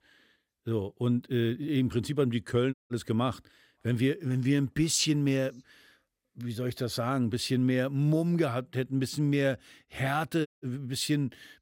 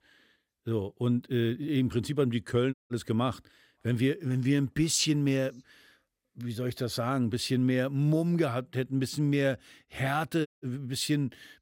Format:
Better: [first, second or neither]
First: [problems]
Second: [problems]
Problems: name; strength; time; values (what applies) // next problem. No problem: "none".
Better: neither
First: audio cutting out; at 2.5 s and at 10 s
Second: audio cutting out; at 2.5 s and at 10 s